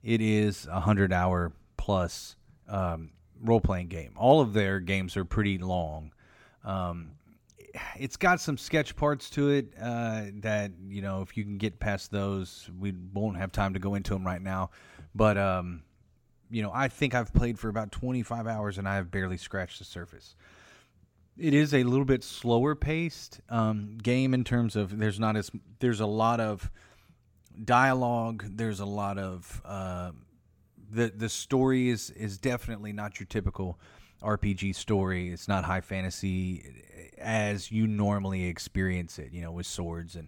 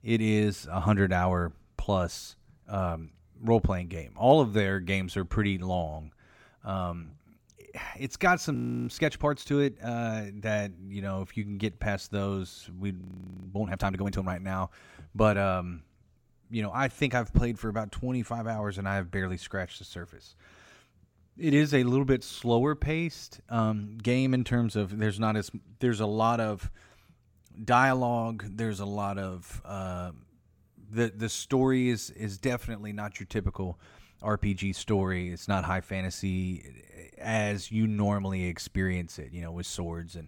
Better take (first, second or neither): first